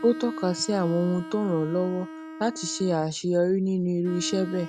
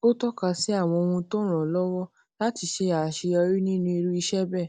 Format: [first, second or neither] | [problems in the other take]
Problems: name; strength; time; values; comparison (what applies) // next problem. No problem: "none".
second | background sound (Bowed string instrument); 13 dB below the speech